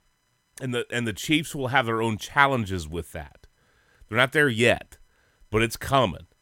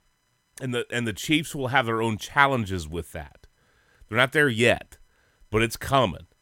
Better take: neither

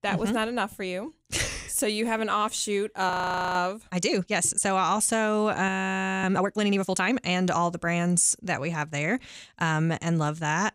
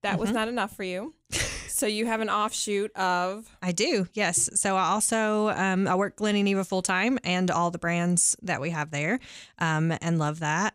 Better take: second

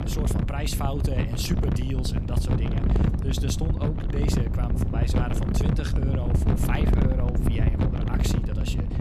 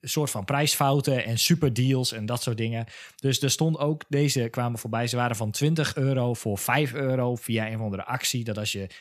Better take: second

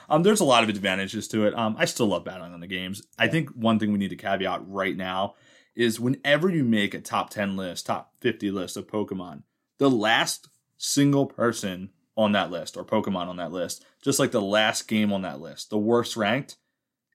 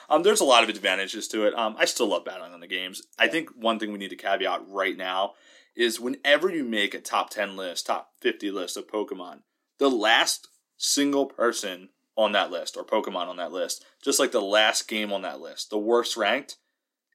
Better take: first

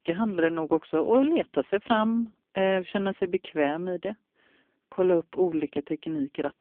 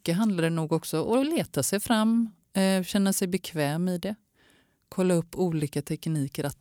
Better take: second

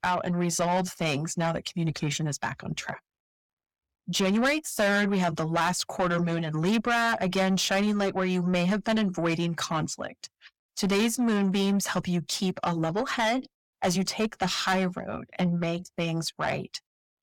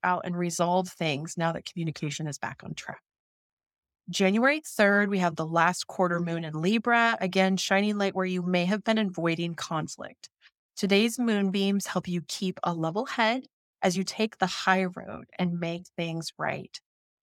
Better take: second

